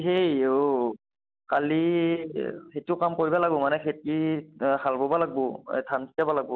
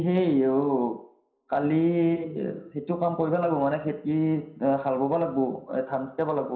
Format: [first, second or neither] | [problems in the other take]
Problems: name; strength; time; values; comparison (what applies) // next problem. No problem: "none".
first | room echo; dies away in 0.5 s